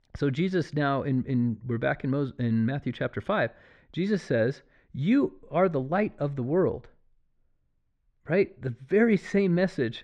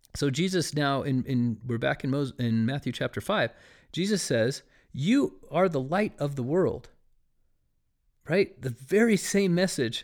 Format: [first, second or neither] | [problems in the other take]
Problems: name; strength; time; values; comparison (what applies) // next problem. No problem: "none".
second | muffled; slightly; fading above 2.5 kHz